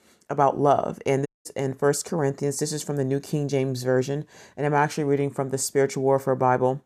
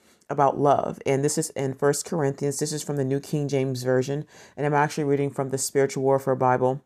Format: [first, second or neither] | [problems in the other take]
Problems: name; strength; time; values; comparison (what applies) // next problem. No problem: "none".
second | audio cutting out; at 1.5 s